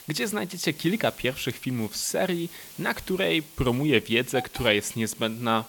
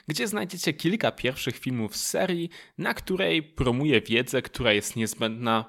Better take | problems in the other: second | hiss; noticeable; throughout; 15 dB below the speech

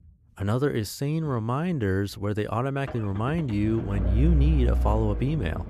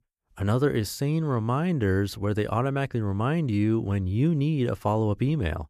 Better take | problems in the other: second | low rumble; noticeable; throughout; 10 dB below the speech

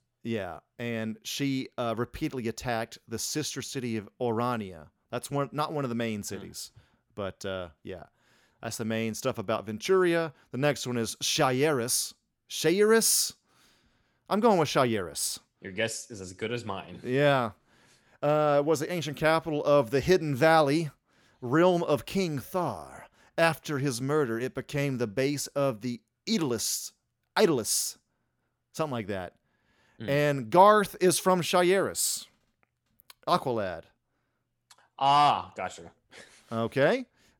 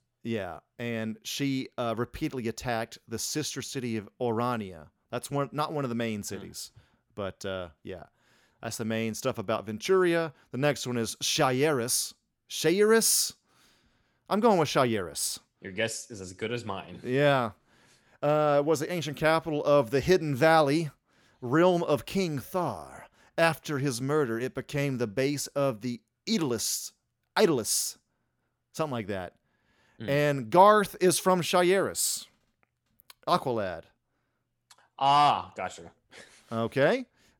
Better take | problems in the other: neither | none

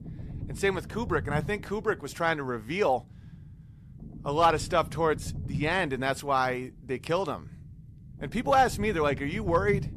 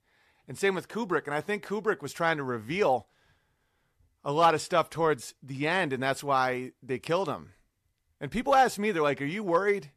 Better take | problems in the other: second | low rumble; faint; throughout; 25 dB below the speech

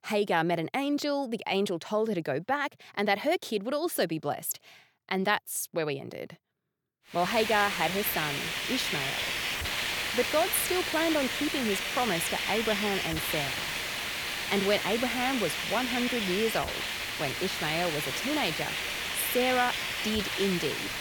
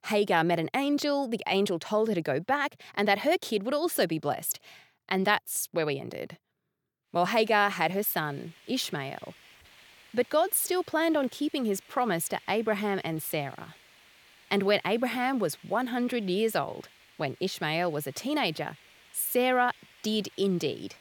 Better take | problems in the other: second | hiss; loud; from 7 s on; 1 dB below the speech; faint in the second

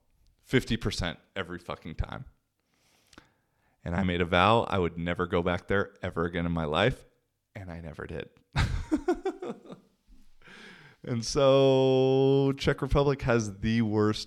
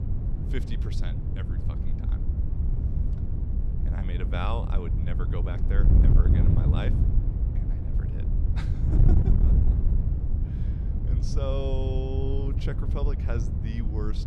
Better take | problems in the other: first | wind noise on the microphone; heavy; 2 dB below the speech

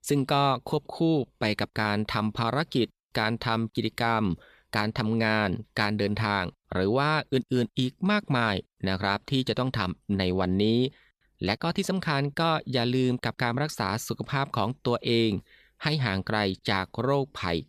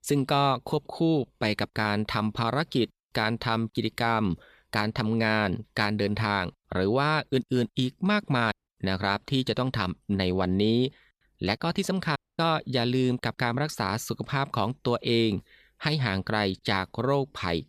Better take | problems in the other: first | audio cutting out; at 8.5 s and at 12 s

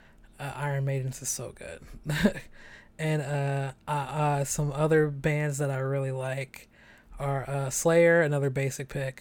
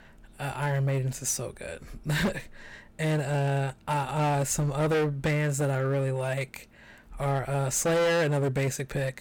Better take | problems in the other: first | distortion; heavy; 11% of the sound clipped

